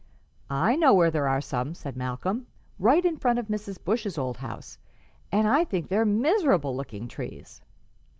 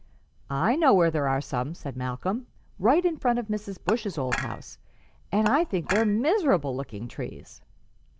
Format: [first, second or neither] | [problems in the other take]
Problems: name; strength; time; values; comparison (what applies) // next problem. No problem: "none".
first | background sound (Dishes, pots, and pans / Chink, clink); 8 dB below the speech